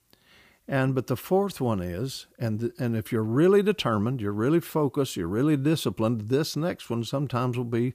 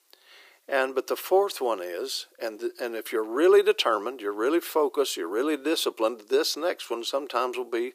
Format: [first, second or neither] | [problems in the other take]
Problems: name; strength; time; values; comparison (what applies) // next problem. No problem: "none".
first | thin; very; fading below 350 Hz